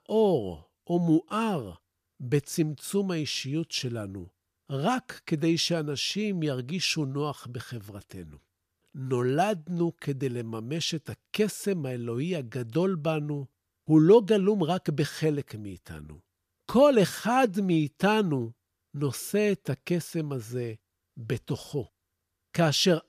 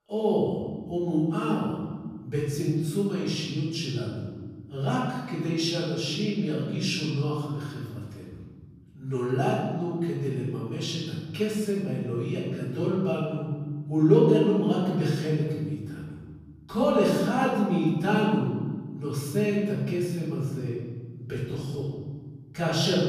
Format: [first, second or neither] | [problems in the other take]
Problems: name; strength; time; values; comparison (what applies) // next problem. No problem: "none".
first | room echo; strong; dies away in 1.6 s // off-mic speech; far